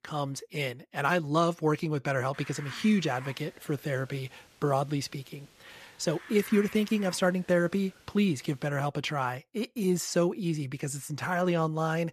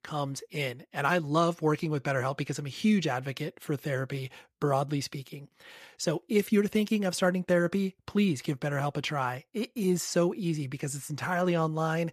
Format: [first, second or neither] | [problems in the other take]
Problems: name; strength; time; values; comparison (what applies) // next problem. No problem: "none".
second | hiss; noticeable; from 2.5 to 8.5 s; 20 dB below the speech